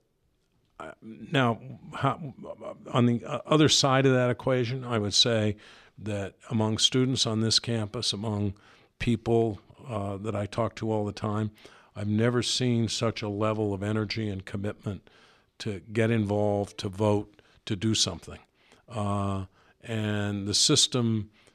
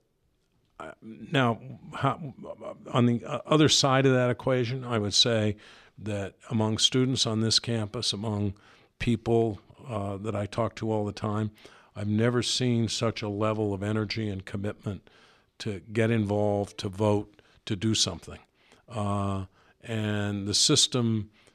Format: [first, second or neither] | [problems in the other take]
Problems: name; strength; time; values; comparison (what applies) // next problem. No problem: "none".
neither | none